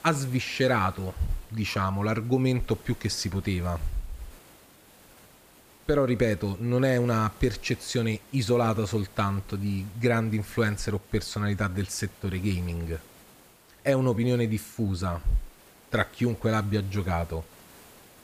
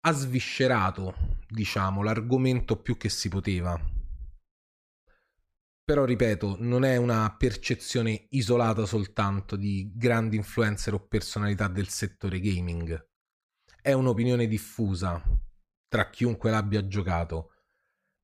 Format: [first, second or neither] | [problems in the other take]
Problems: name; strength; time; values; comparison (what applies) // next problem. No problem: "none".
second | hiss; faint; throughout; 25 dB below the speech